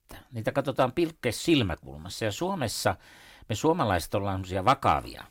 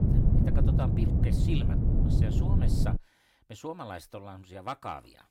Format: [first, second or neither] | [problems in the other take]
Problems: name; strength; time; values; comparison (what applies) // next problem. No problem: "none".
first | wind noise on the microphone; heavy; until 3 s; 2 dB above the speech